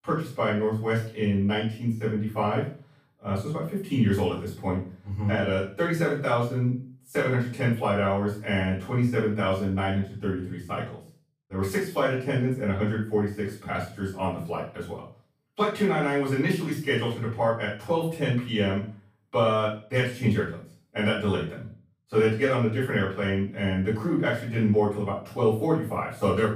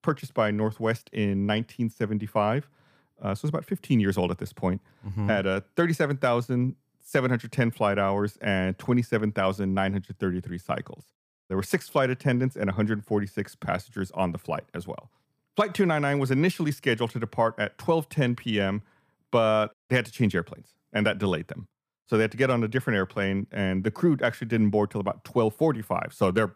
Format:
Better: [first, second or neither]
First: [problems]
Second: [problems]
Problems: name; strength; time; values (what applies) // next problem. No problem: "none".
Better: second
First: room echo; noticeable; dies away in 0.4 s // off-mic speech; far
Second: none